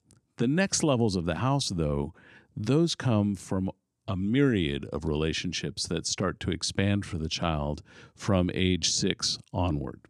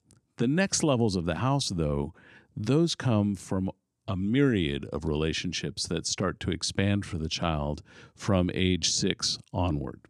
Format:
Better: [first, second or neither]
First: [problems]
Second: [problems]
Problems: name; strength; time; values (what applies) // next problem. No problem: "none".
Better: neither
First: none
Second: none